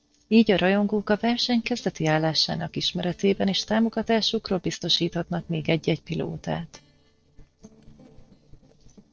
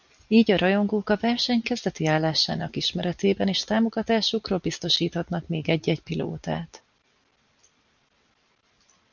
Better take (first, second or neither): second